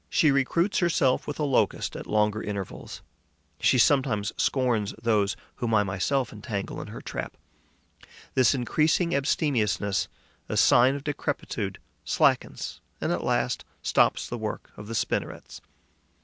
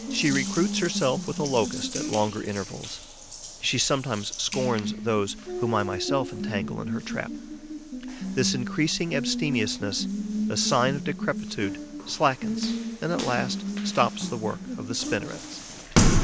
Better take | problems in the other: first | background sound (Water tap, faucet); 2 dB below the speech

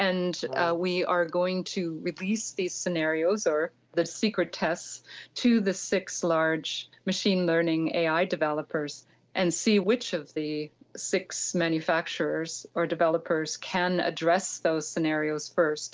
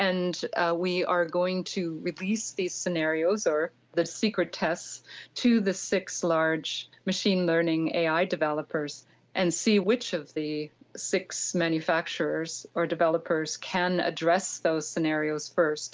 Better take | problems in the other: second | noise reduction (neural separator model SepFormer DNS4)

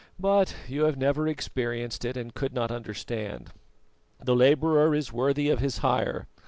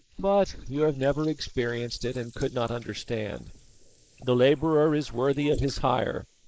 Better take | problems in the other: first | noise reduction (neural mask model Resemble Enhance denoiser)

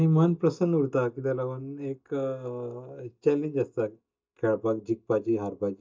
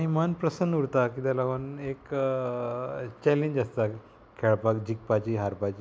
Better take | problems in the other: second | noise reduction (neural mask model DeepFilterNet 3)

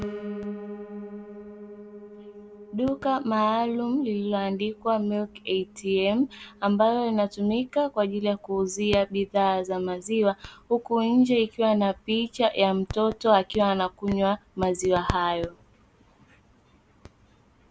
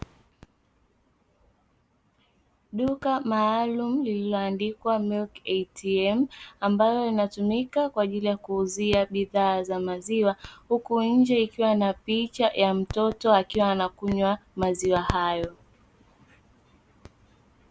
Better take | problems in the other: second | background sound (Piano); 19 dB below the speech

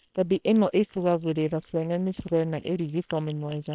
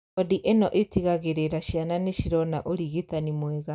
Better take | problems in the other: second | noise reduction (neural separator model SepFormer WHAM!)

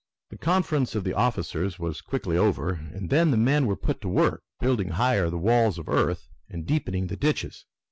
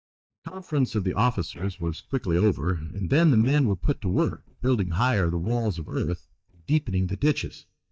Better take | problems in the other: first | noise reduction (neural mask model DeepFilterNet 3)

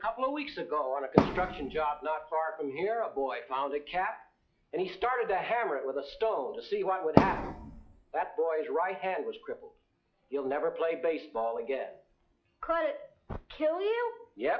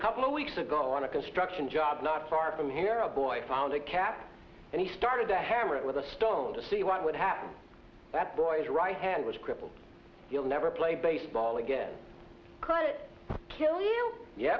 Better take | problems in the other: second | noise reduction (classical method log-MMSE)

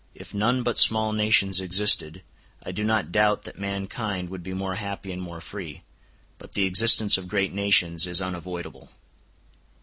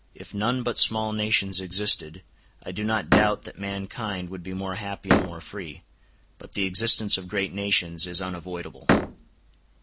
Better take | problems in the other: first | background sound (Slam); 3 dB above the speech

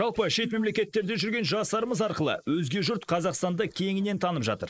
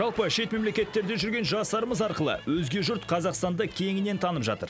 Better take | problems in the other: second | noise reduction (neural mask model Resemble Enhance denoiser)

